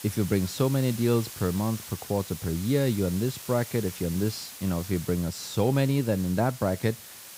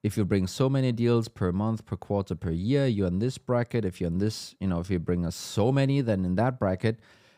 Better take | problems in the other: second | hiss; noticeable; throughout; 10 dB below the speech

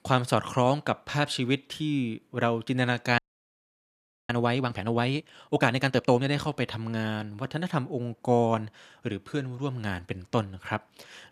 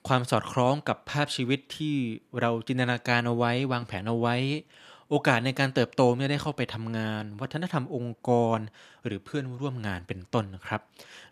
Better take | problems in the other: second | audio freezing; at 3 s for 1 s

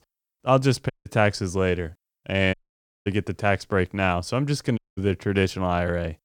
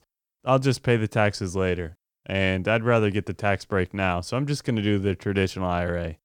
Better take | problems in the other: second | audio cutting out; at 1 s, at 2.5 s for 0.5 s and at 5 s

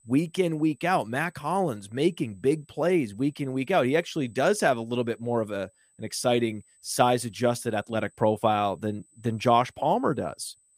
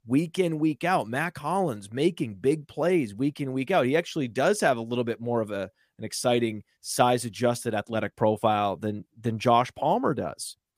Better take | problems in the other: second | high-pitched whine; faint; throughout; 8 kHz, 35 dB below the speech

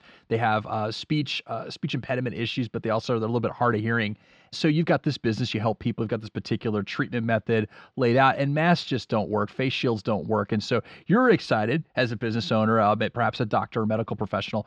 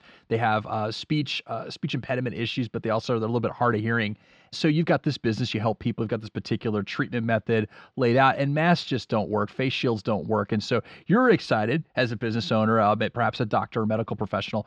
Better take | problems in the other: neither | muffled; very slightly; fading above 4 kHz; the same in both

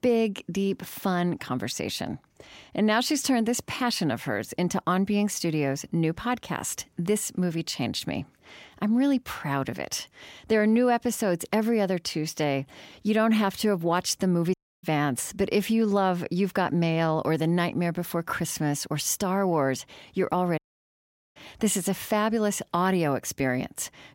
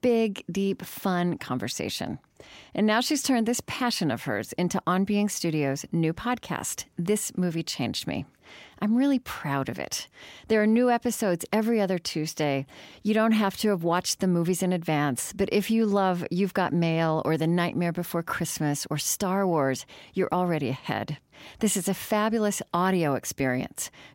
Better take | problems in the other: second | audio cutting out; at 15 s and at 21 s for 1 s

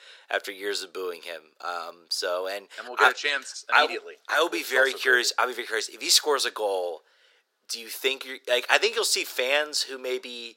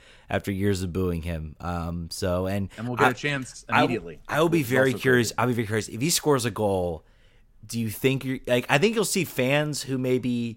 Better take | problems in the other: second | thin; very; fading below 400 Hz

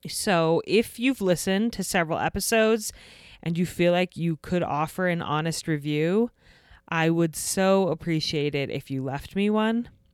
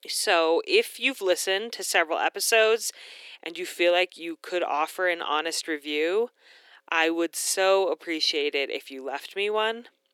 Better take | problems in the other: first | thin; very; fading below 350 Hz

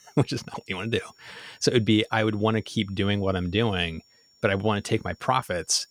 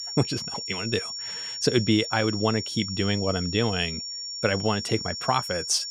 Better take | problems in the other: first | high-pitched whine; loud; throughout; 5.5 kHz, 5 dB below the speech; faint in the first

